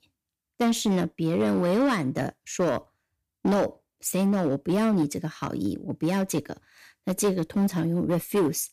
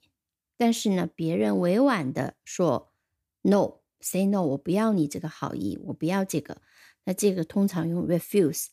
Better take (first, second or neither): second